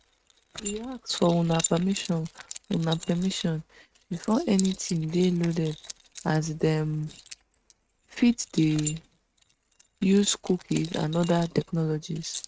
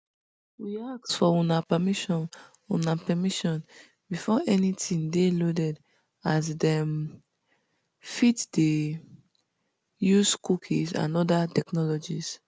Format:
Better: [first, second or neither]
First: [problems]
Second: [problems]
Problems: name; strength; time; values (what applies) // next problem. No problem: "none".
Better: second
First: noise reduction (neural mask model RNNoise)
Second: none